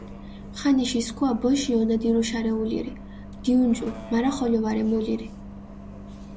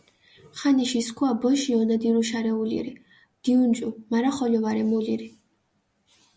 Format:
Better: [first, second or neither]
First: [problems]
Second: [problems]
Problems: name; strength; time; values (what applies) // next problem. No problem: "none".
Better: second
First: background sound (Bus); 14 dB below the speech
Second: none